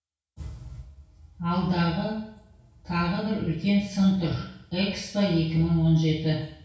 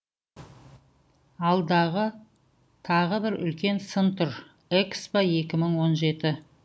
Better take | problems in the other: second | room echo; dies away in 0.6 s

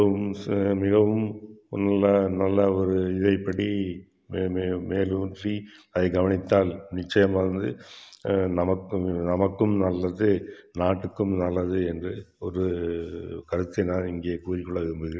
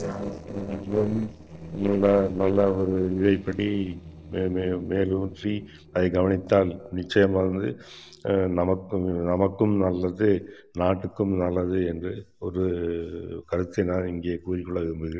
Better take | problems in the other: first | noise reduction (neural separator model SepFormer DNS4)

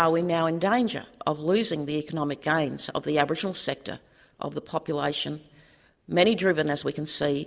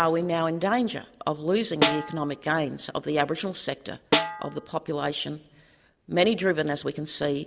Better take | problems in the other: first | background sound (Snare drum); 3 dB below the speech

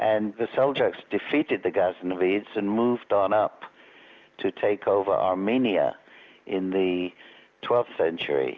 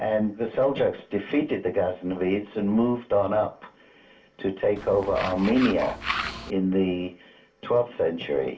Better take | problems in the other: first | background sound (Tools); 7 dB below the speech // room echo; dies away in 0.2 s

